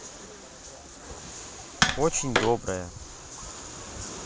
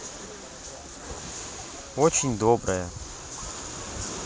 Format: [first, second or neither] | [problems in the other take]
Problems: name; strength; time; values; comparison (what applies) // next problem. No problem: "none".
second | background sound (Tap); 2 dB above the speech